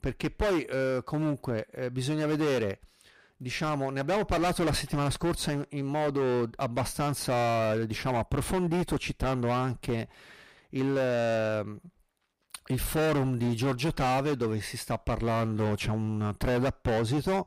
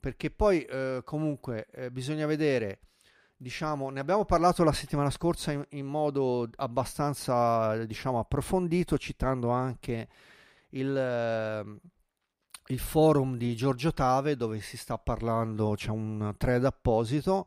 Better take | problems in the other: second | distortion; heavy; 18% of the sound clipped

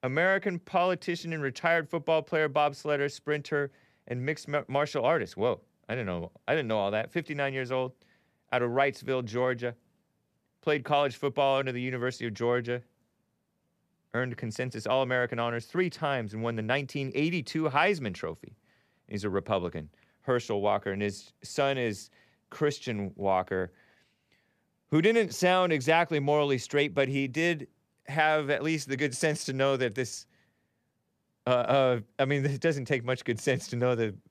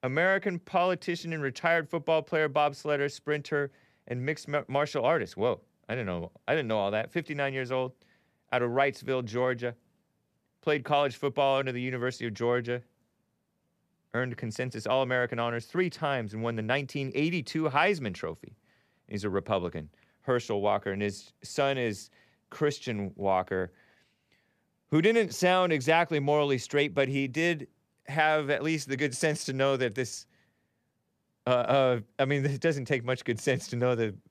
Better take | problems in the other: neither | none

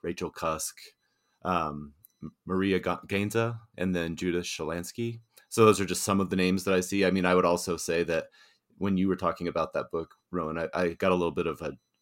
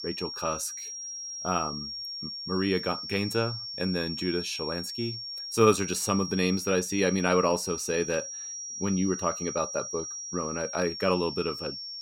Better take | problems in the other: first | high-pitched whine; loud; throughout; 5.5 kHz, 6 dB below the speech

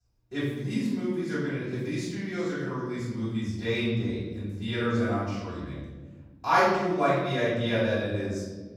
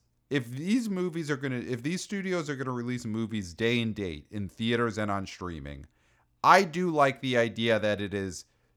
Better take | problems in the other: second | off-mic speech; far // room echo; strong; dies away in 1.5 s

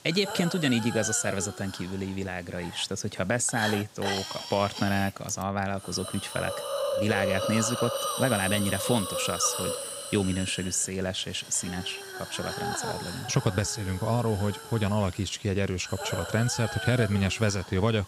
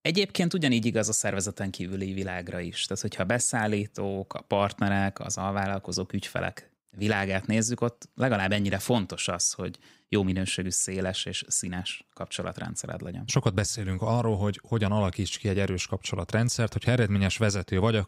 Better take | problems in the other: second | hiss; loud; throughout; 6 dB below the speech

